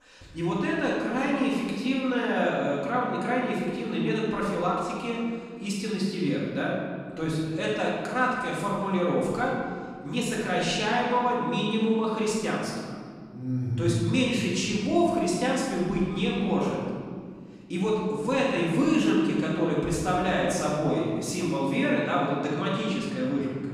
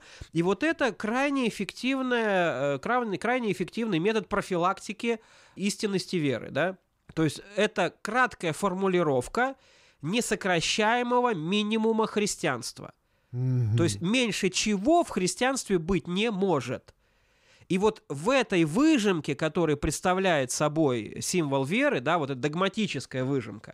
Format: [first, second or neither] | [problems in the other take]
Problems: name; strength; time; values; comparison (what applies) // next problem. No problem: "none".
second | off-mic speech; far // room echo; strong; dies away in 1.9 s